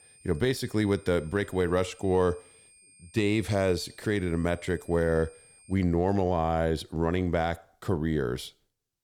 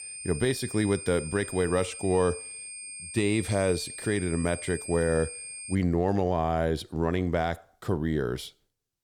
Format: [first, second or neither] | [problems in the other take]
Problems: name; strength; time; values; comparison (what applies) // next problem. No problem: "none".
first | high-pitched whine; loud; until 6 s; 8.5 kHz, 10 dB below the speech; faint in the first